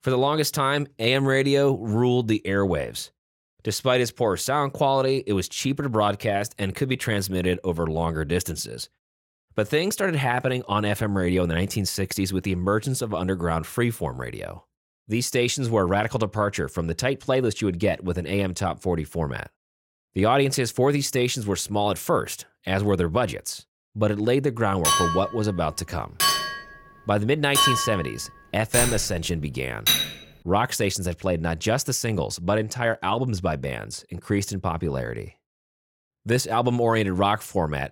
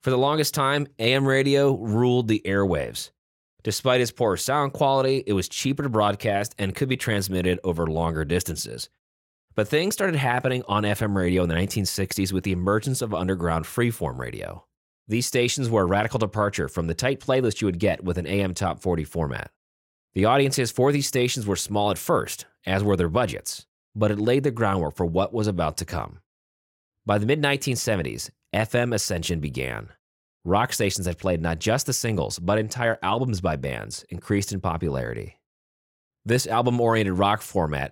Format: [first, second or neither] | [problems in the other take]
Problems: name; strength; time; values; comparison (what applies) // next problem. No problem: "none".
second | clattering dishes; loud; from 25 to 30 s; peak 5 dB above the speech